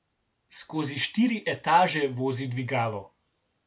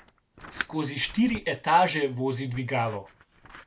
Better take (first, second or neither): first